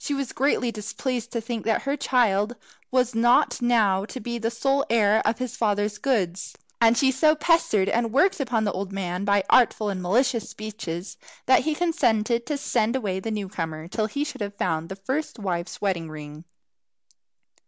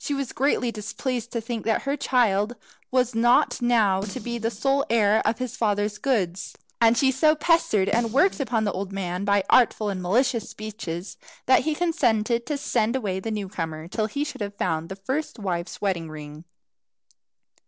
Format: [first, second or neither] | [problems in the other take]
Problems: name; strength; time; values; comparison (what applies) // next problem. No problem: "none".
first | noise reduction (neural separator model SepFormer DNS4)